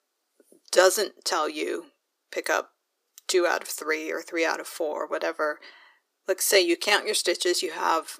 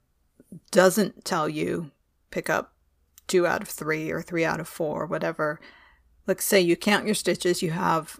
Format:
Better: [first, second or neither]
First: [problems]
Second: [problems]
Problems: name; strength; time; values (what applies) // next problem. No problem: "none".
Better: second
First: thin; very; fading below 300 Hz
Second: none